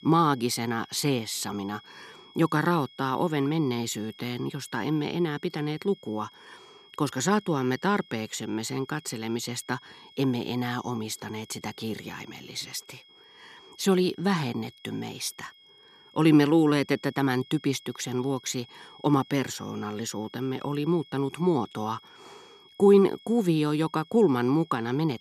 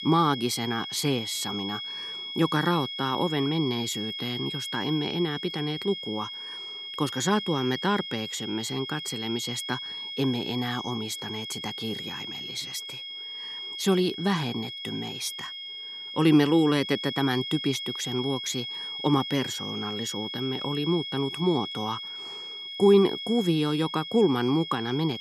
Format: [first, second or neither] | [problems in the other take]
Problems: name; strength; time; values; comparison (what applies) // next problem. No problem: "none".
first | high-pitched whine; loud; throughout; 3.5 kHz, 6 dB below the speech; faint in the first